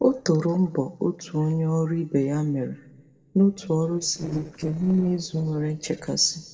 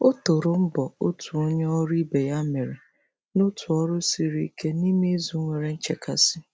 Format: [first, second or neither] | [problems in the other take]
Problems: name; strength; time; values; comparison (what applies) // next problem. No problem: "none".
second | noise reduction (neural separator model SepFormer DNS4)